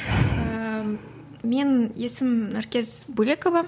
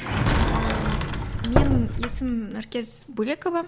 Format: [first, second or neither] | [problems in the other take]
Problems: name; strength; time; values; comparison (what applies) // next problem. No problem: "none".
first | background sound (Explosion + Sliding door); 3 dB above the speech